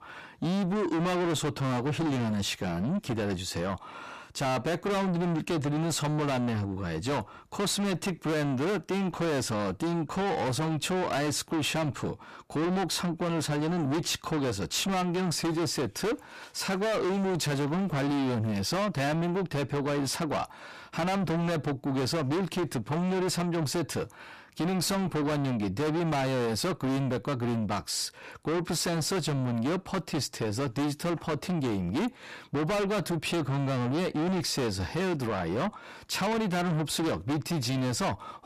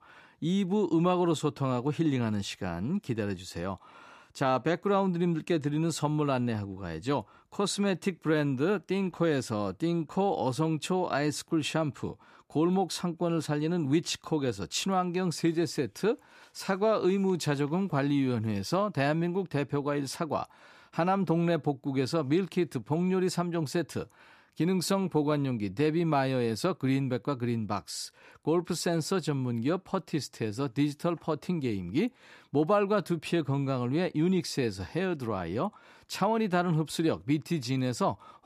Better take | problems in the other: second | distortion; heavy; 5 dB below the speech

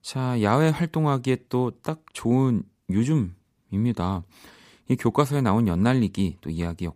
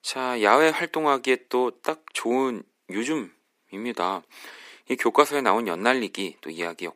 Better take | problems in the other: first | thin; very; fading below 350 Hz

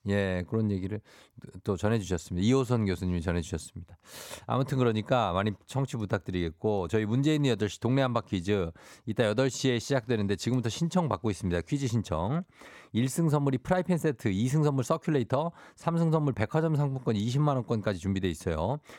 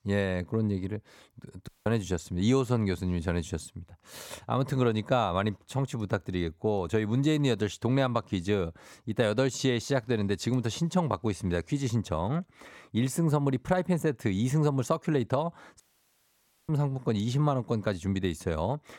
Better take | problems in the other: first | audio cutting out; at 1.5 s and at 16 s for 1 s

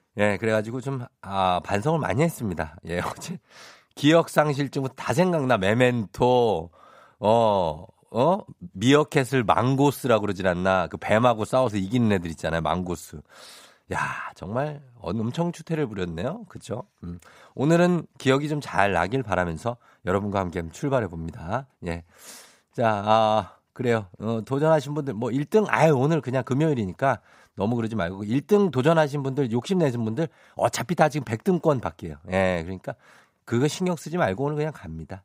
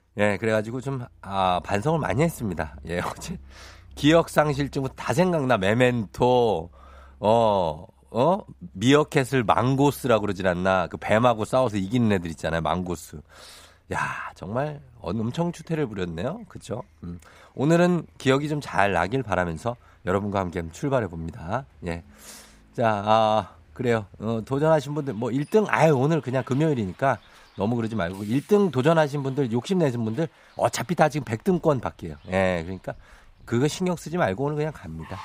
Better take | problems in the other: first | traffic noise; faint; throughout; 30 dB below the speech

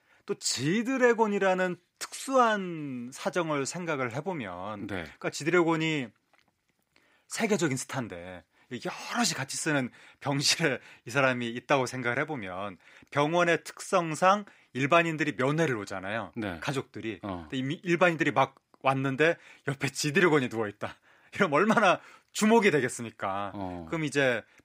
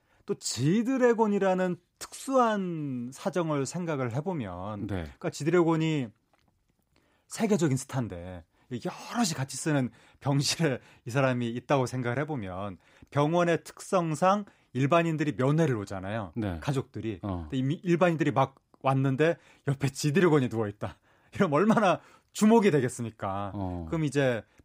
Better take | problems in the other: second | thin; very slightly; fading below 500 Hz

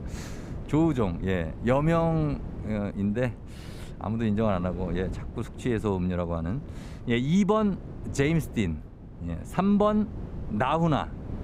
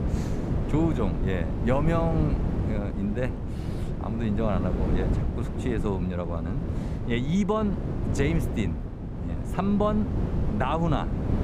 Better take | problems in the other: first | wind noise on the microphone; heavy; 6 dB below the speech; occasional gusts in the first

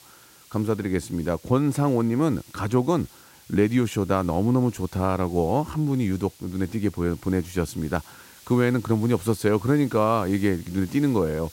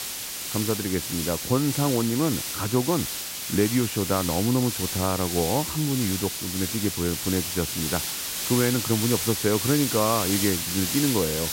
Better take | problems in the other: first | hiss; loud; throughout; 2 dB below the speech; faint in the first

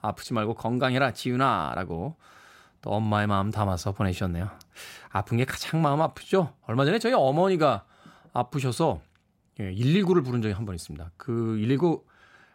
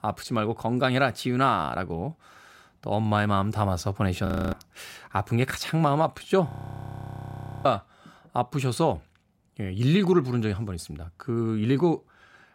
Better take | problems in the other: first | audio freezing; at 4.5 s and at 6.5 s for 1 s

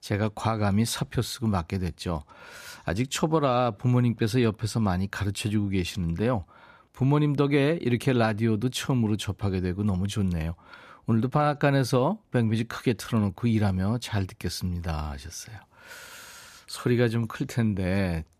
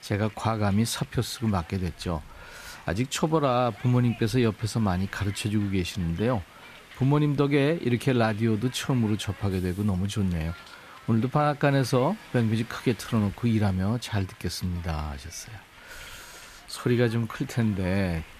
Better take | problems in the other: first | hiss; faint; throughout; 20 dB below the speech

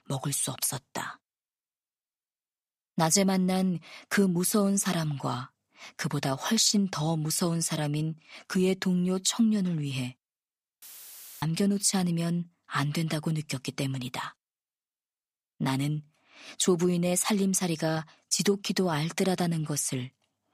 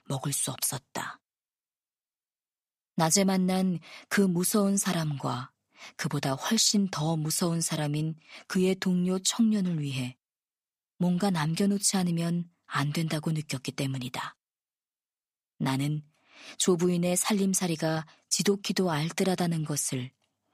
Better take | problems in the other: second | audio cutting out; filled with static; at 11 s for 0.5 s

